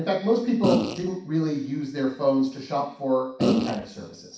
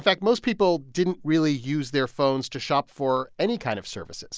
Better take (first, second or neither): second